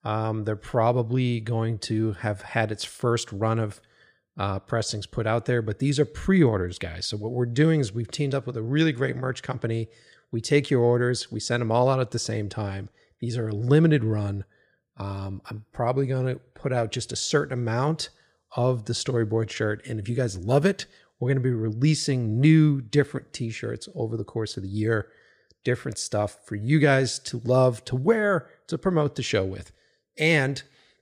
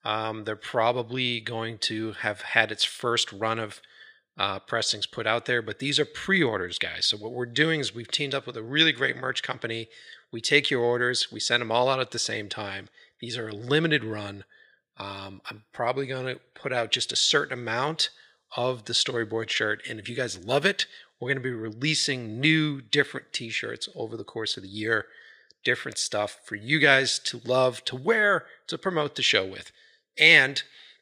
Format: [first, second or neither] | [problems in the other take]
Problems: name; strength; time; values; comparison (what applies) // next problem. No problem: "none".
first | thin; somewhat; fading below 500 Hz